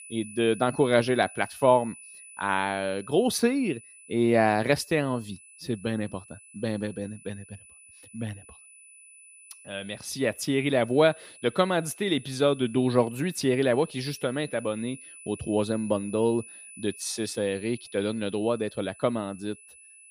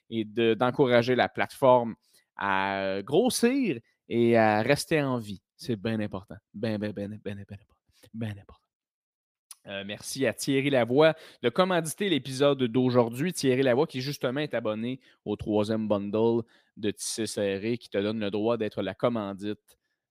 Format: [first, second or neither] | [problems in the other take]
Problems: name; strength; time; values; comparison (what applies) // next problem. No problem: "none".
second | high-pitched whine; noticeable; throughout; 10 kHz, 20 dB below the speech